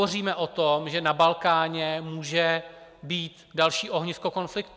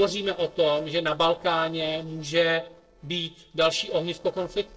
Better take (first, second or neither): first